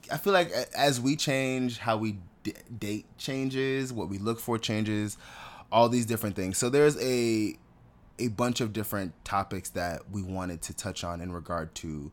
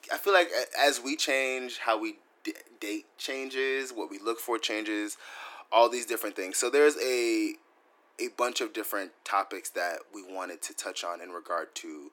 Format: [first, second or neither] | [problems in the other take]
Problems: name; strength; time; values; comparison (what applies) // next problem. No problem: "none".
first | thin; very; fading below 300 Hz